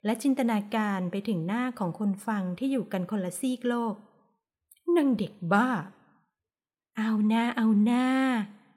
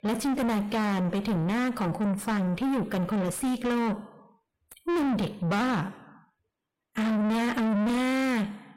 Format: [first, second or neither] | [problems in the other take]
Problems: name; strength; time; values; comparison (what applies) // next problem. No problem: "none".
first | distortion; heavy; 6 dB below the speech